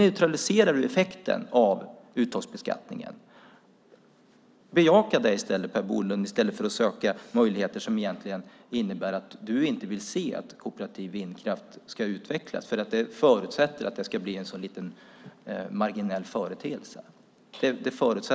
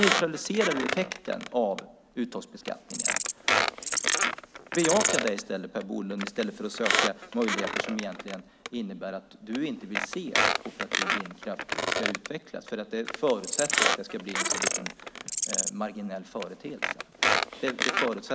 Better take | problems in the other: first | background sound (Insect + Squeak); 2 dB above the speech

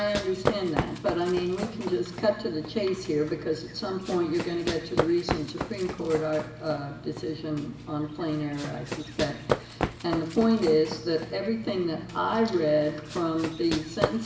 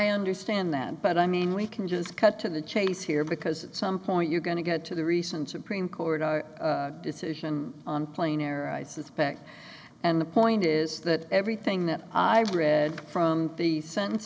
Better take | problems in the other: second | background sound (Run); 7 dB below the speech // room echo; dies away in 0.8 s

